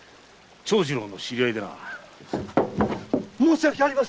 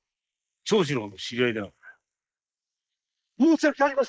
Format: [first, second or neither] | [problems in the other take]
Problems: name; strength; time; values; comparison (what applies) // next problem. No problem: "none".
first | noise reduction (neural mask model Resemble Enhance denoiser)